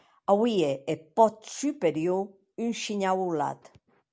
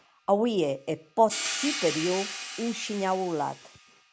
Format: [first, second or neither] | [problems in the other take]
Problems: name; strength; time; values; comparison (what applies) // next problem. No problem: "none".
first | background sound (Hi-hat); 9 dB below the speech